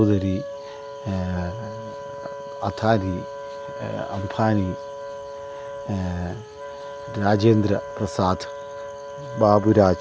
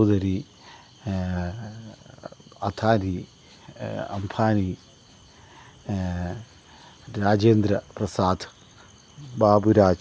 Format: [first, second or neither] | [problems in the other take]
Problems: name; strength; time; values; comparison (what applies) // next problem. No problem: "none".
second | background sound (Wind instrument, woodwind instrument); 11 dB below the speech